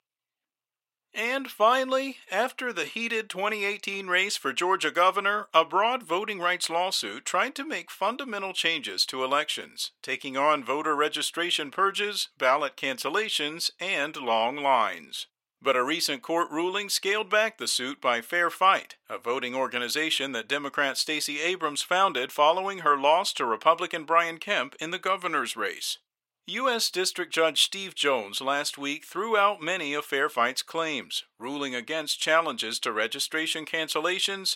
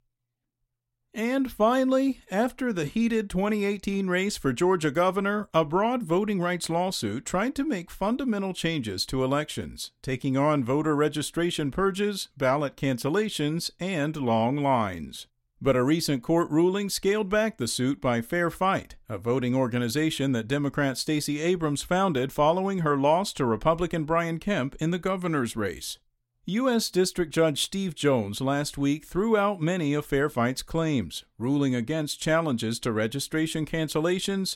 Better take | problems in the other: second | thin; very; fading below 500 Hz

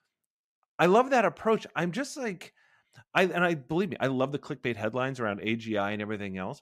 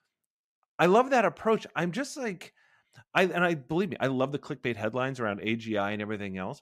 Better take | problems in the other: neither | none

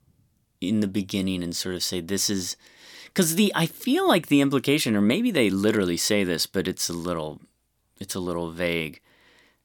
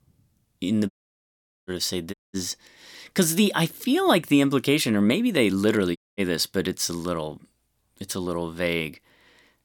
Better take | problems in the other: first | audio cutting out; at 1 s for 1 s, at 2 s and at 6 s

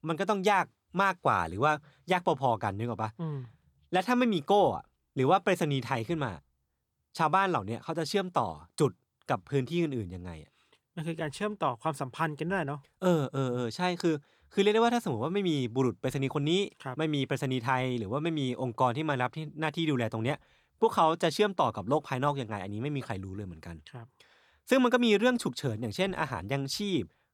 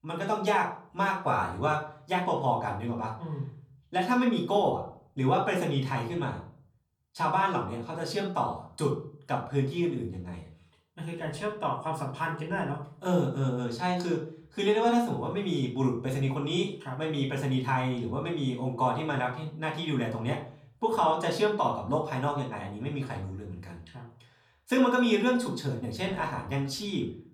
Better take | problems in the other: first | off-mic speech; far // room echo; slight; dies away in 0.4 s

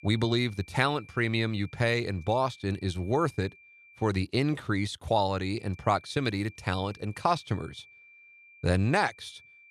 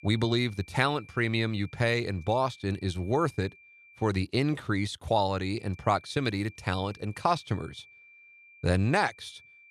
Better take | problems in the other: neither | high-pitched whine; faint; until 4 s and from 5.5 s on; 2.5 kHz, 25 dB below the speech; the same in both

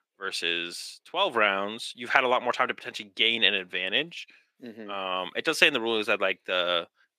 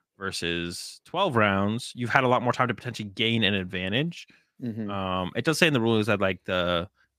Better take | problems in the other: second | thin; somewhat; fading below 400 Hz

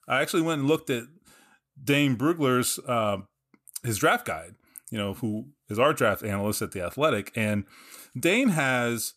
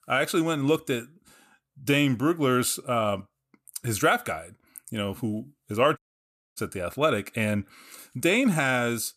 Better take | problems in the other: first | audio cutting out; at 6 s for 0.5 s

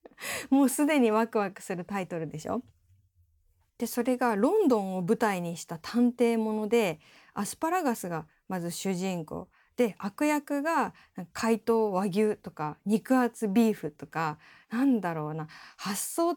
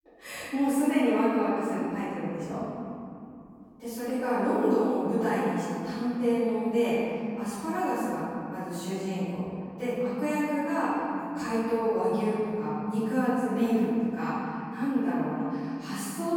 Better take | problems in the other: first | off-mic speech; far // room echo; strong; dies away in 2.6 s

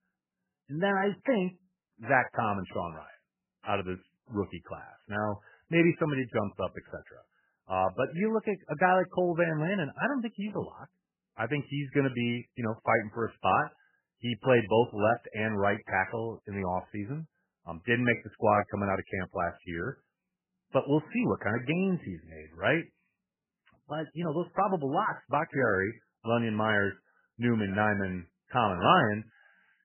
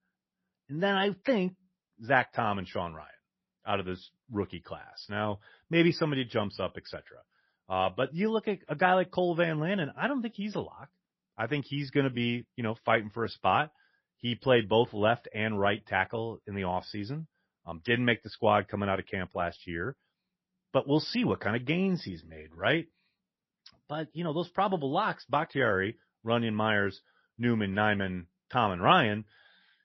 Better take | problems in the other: second | garbled, watery; badly; nothing above 3 kHz; slightly in the second

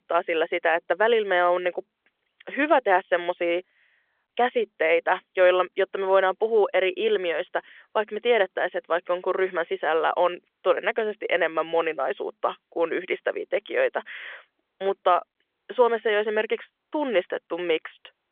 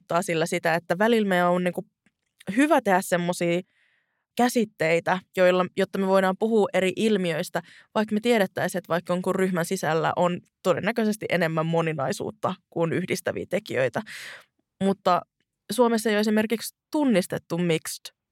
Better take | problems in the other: second | phone-call audio; nothing above 3.5 kHz

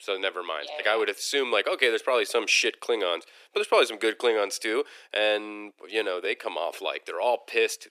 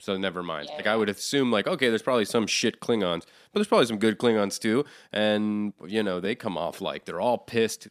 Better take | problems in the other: second | thin; very; fading below 350 Hz

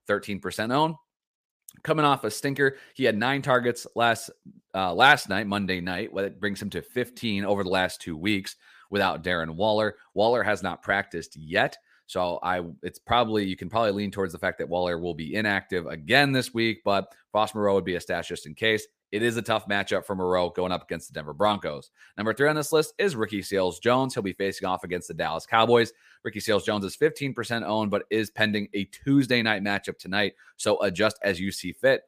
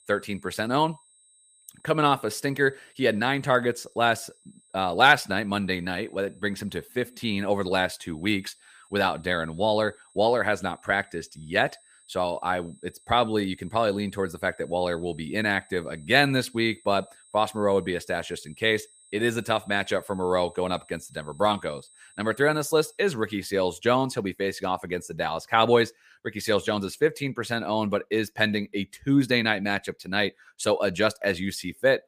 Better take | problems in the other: first | high-pitched whine; faint; until 23 s; 8.5 kHz, 30 dB below the speech

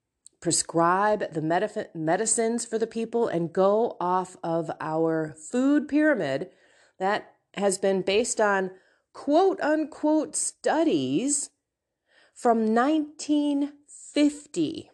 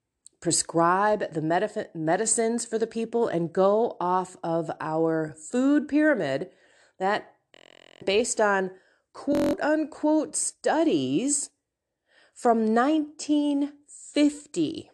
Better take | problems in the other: first | audio freezing; at 7.5 s and at 9.5 s

